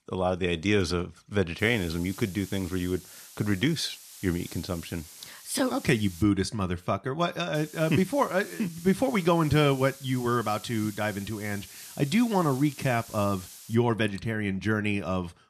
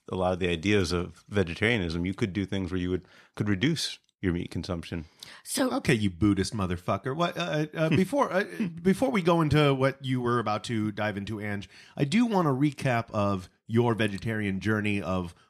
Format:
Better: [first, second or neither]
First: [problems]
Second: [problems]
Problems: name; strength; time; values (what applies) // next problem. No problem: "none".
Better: second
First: hiss; noticeable; from 1.5 to 6 s and from 7.5 to 14 s; 15 dB below the speech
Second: none